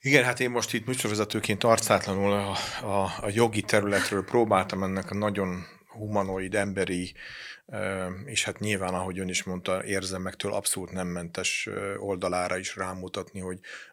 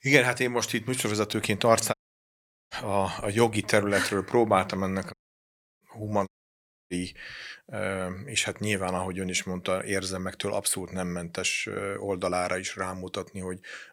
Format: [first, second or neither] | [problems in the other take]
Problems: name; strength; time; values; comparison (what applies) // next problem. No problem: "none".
first | audio cutting out; at 2 s for 1 s, at 5 s for 0.5 s and at 6.5 s for 0.5 s